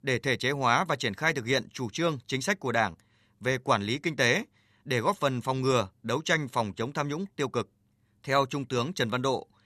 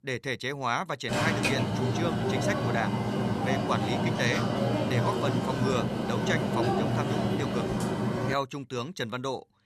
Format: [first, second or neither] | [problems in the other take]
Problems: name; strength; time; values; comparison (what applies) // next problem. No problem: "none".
first | alarm; loud; from 1 to 8.5 s; peak 6 dB above the speech